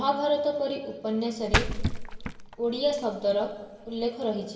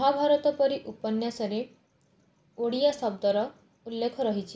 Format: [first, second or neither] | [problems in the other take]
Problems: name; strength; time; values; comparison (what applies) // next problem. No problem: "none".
second | background sound (Splash, splatter); 3 dB below the speech // room echo; dies away in 2.3 s